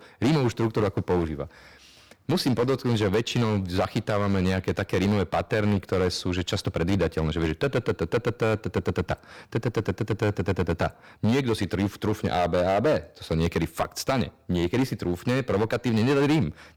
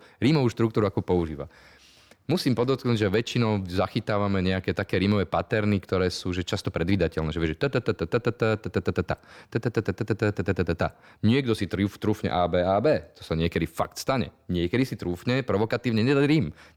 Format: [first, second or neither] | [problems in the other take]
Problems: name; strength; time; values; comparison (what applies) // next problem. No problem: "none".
second | distortion; slight; 9% of the sound clipped